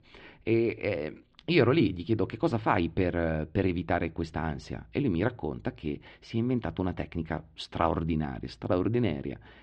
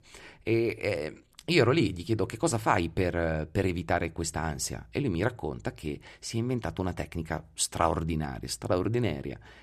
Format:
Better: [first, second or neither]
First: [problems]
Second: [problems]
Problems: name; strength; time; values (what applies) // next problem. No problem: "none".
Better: second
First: muffled; slightly; fading above 3.5 kHz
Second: none